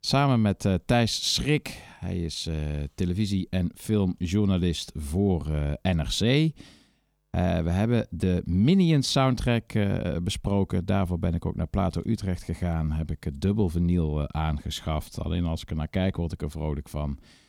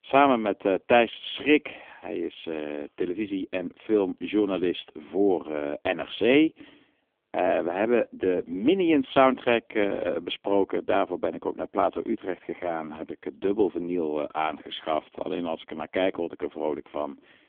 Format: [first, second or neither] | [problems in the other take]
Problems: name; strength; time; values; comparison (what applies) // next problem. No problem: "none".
first | phone-call audio; poor line; nothing above 3.5 kHz